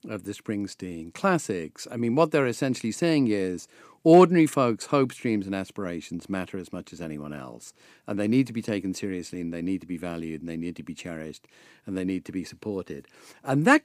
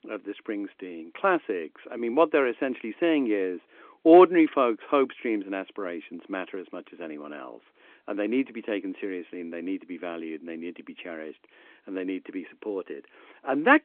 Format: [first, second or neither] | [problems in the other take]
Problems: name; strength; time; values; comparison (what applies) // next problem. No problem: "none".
first | phone-call audio